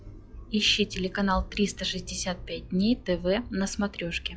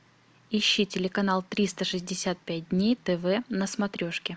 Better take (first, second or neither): second